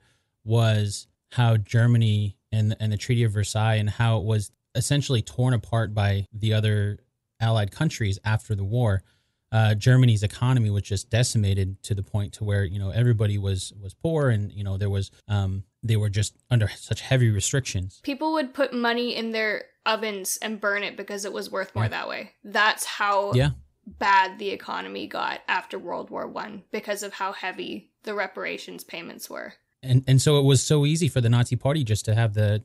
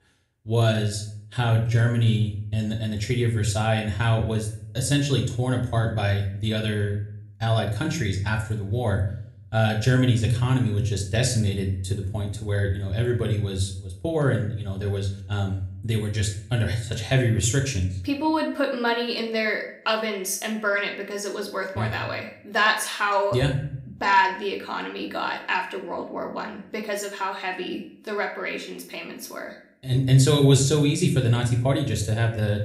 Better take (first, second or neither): first